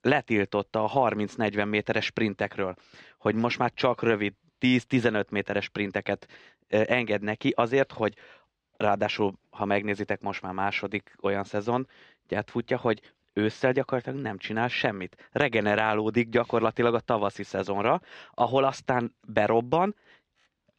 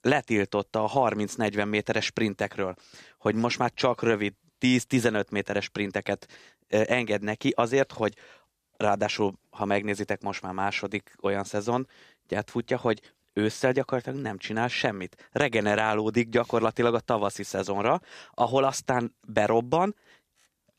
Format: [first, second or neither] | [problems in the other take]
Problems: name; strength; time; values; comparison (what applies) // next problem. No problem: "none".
second | muffled; very slightly; fading above 3 kHz